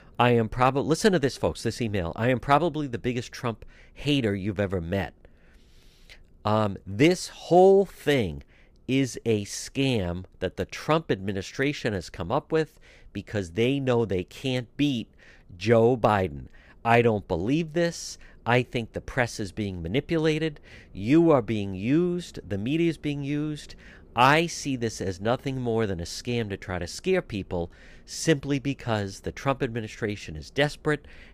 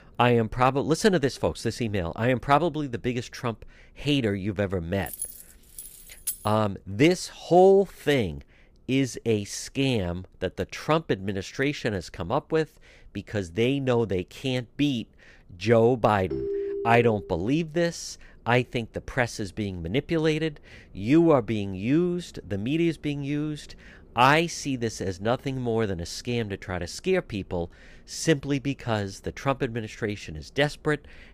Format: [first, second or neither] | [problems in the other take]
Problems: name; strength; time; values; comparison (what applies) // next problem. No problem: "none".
first | jangling keys; noticeable; from 5 to 6.5 s; peak 6 dB below the speech // phone ringing; noticeable; from 16 to 17 s; peak 4 dB below the speech